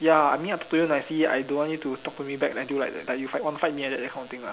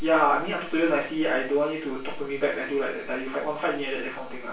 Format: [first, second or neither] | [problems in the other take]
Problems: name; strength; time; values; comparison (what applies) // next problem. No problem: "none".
first | room echo; dies away in 0.3 s